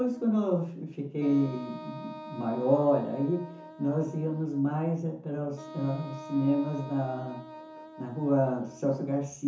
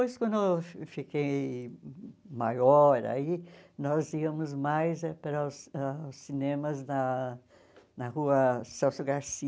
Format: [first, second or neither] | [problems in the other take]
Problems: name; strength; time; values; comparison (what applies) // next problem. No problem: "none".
second | background sound (Wind instrument, woodwind instrument); 16 dB below the speech // room echo; dies away in 0.9 s